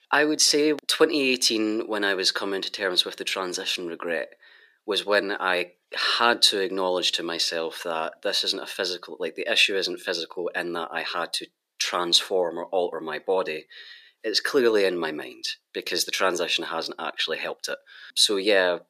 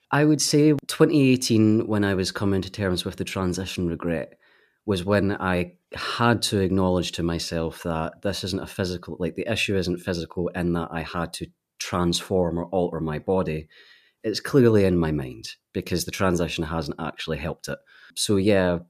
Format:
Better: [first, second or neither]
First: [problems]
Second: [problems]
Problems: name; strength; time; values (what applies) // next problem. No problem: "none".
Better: second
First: thin; somewhat; fading below 400 Hz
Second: none